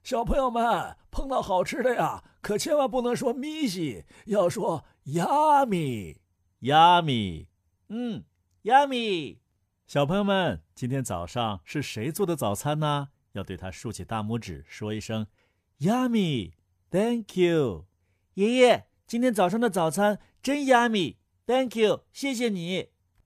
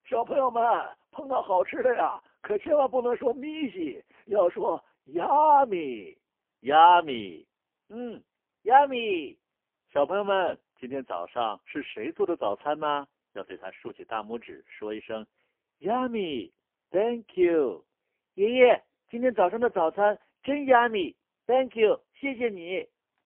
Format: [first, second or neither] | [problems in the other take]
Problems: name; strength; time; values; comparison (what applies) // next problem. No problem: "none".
first | phone-call audio; poor line; nothing above 3 kHz